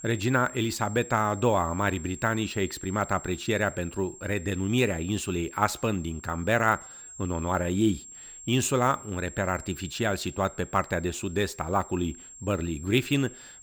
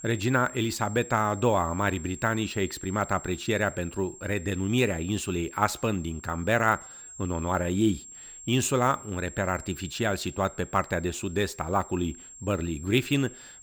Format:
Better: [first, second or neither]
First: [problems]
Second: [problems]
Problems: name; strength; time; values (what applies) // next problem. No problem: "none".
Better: neither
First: high-pitched whine; noticeable; throughout; 7.5 kHz, 15 dB below the speech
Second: high-pitched whine; noticeable; throughout; 7.5 kHz, 15 dB below the speech